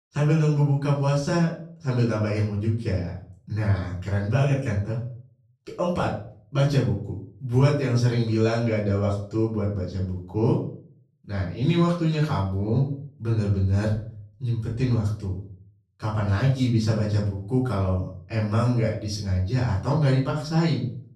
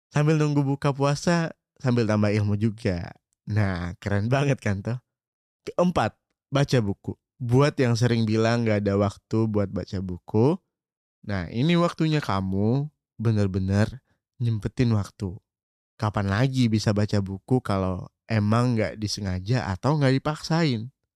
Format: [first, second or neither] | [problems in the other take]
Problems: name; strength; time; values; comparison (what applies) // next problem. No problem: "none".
second | off-mic speech; far // room echo; slight; dies away in 0.4 s